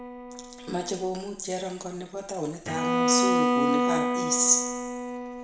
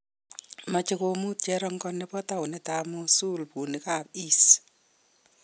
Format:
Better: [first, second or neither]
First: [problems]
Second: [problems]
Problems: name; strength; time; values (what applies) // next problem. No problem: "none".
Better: second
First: background sound (Bowed string instrument); 2 dB above the speech // room echo; dies away in 0.7 s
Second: none